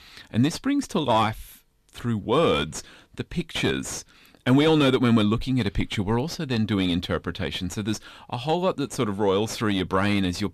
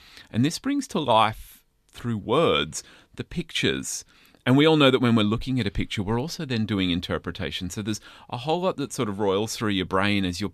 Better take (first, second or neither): second